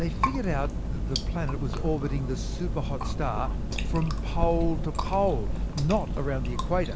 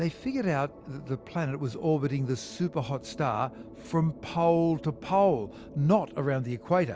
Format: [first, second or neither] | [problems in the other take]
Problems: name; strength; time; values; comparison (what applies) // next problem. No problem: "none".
second | background sound (Chewing, mastication); 1 dB above the speech